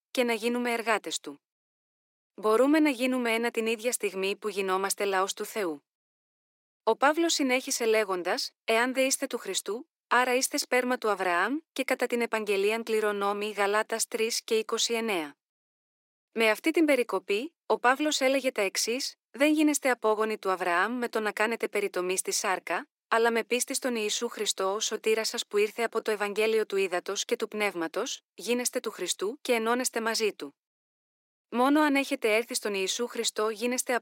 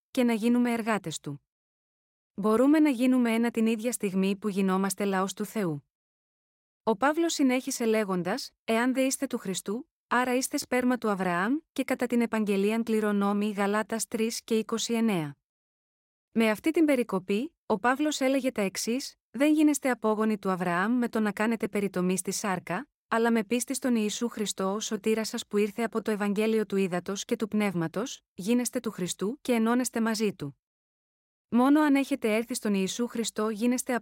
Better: second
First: thin; somewhat; fading below 300 Hz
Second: none

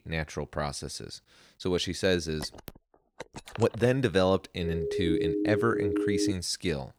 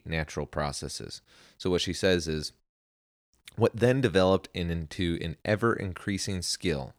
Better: second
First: phone ringing; faint; from 2.5 to 4 s; peak 15 dB below the speech // siren; loud; from 4.5 to 6.5 s; peak 1 dB above the speech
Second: none

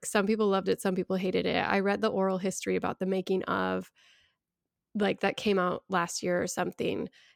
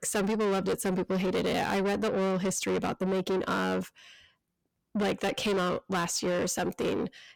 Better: first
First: none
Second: distortion; heavy; 7 dB below the speech

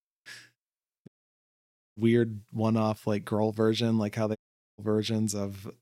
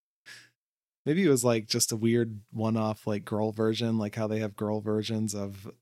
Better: second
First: audio cutting out; at 1 s for 1 s and at 4.5 s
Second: none

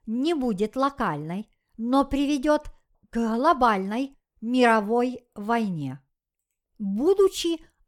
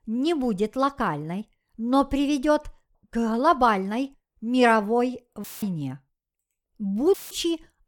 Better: first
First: none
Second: audio cutting out; filled with static; at 5.5 s and at 7 s

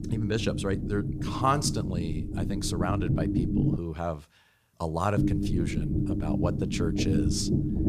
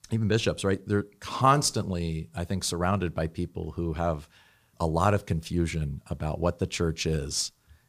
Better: second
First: low rumble; loud; until 4 s and from 5 s on; 4 dB below the speech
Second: none

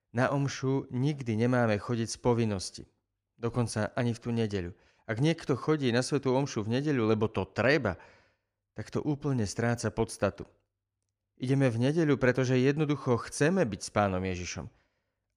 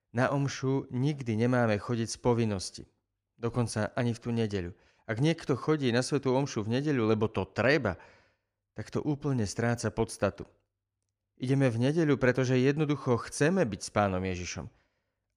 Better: neither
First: none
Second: none

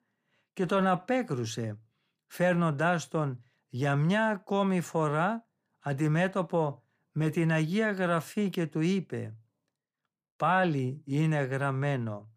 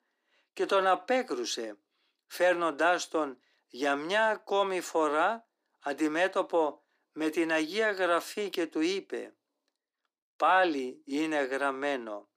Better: first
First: none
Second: thin; very; fading below 300 Hz

